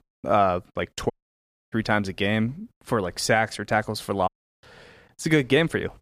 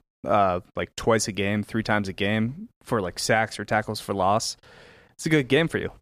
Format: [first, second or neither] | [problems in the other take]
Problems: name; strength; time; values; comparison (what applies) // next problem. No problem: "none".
second | audio cutting out; at 1 s for 0.5 s and at 4.5 s